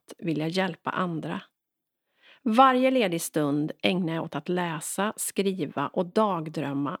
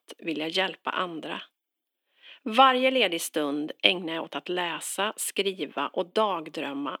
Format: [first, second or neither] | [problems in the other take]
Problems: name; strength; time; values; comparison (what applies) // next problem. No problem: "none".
first | thin; very slightly; fading below 300 Hz